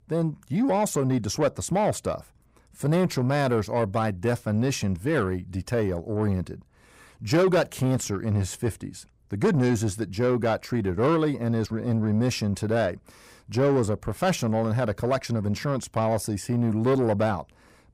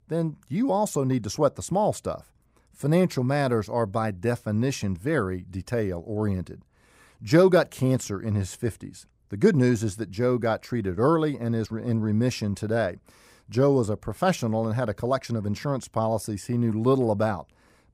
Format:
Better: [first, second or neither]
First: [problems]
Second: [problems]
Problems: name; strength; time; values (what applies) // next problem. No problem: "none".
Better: second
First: distortion; slight; 10 dB below the speech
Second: none